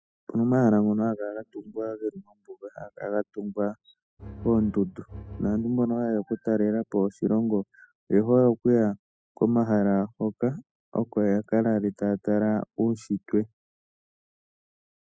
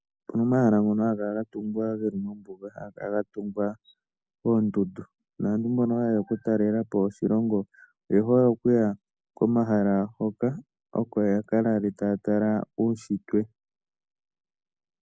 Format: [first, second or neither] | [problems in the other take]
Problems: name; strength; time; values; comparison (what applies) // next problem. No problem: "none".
second | noise reduction (classical method spectral subtraction)